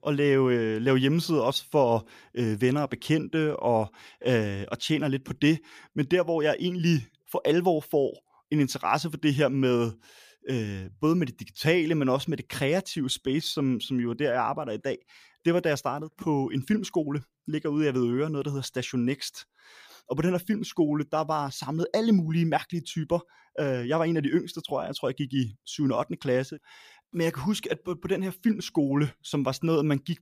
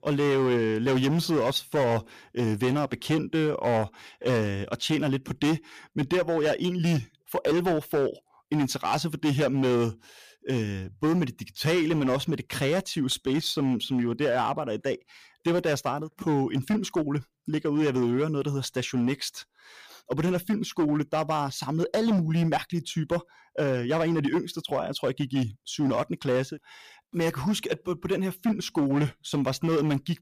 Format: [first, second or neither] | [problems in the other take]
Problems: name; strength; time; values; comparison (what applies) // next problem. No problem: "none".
first | distortion; slight; 10% of the sound clipped